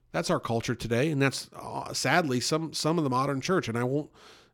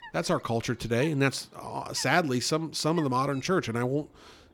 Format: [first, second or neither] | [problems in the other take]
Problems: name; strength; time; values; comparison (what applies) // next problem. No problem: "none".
first | animal sounds; faint; throughout; 25 dB below the speech